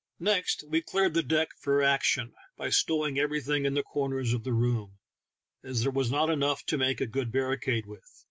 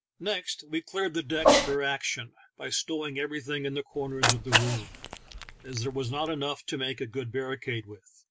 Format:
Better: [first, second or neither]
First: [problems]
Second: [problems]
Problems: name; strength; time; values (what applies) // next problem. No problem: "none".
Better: first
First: none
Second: background sound (Cat); as loud as the speech